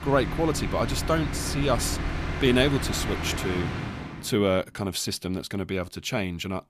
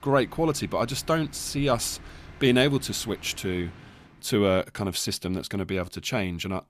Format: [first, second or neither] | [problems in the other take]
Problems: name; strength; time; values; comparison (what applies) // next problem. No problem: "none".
second | train or aircraft noise; loud; until 4 s; 5 dB below the speech; faint in the second